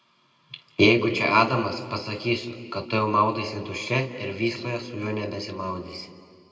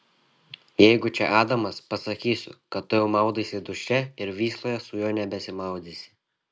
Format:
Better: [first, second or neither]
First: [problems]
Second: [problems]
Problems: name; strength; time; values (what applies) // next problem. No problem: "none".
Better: second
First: room echo; dies away in 2 s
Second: none